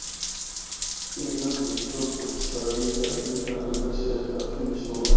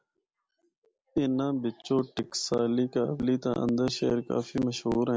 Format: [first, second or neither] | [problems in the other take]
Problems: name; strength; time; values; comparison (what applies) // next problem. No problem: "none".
second | background sound (Drip / Trickle, dribble / Bathtub (filling or washing) / Water tap, faucet); 3 dB above the speech // room echo; dies away in 2.2 s